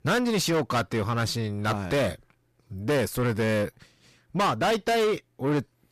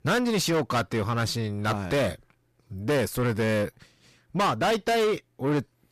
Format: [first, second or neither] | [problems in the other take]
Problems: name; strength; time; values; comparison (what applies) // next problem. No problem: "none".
neither | distortion; heavy; 6 dB below the speech; the same in both